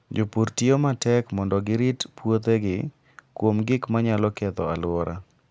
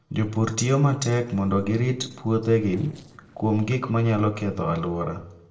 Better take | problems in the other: first | noise reduction (neural separator model SepFormer DNS4)

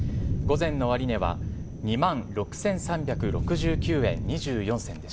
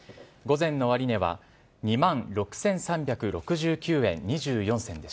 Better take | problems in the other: second | background sound (Thunder); 2 dB below the speech

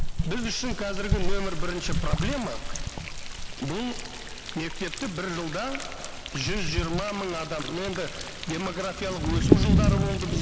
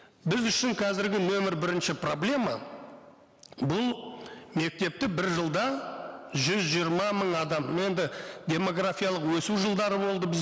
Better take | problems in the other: second | background sound (Thunder); 5 dB above the speech

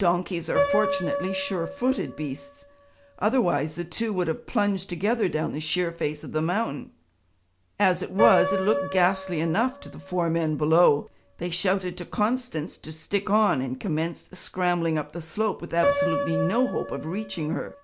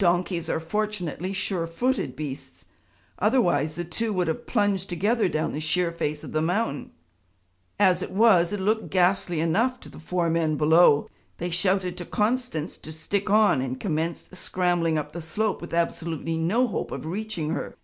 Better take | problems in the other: second | background sound (Piano); 7 dB below the speech

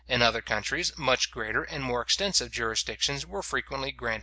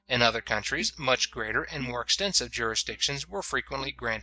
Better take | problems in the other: first | noise reduction (neural mask model DeepFilterNet 3)

